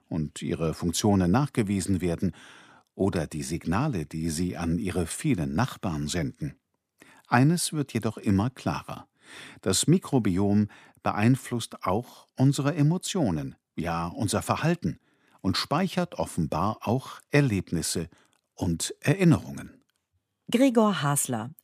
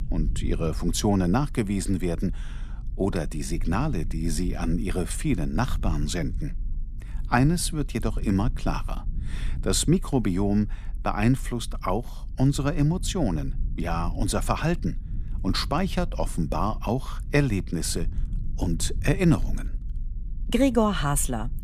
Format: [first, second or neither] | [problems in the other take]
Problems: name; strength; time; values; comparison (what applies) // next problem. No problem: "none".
first | low rumble; faint; throughout; 20 dB below the speech